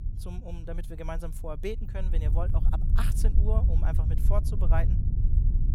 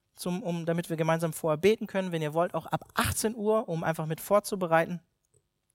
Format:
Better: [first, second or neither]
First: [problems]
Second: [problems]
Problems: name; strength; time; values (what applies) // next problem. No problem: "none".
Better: second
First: low rumble; loud; throughout; 6 dB below the speech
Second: none